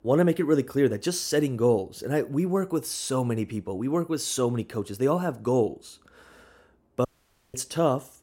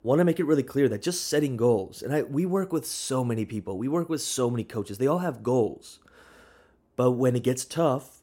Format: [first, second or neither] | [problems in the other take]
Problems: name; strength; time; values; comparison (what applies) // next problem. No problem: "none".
second | audio cutting out; at 7 s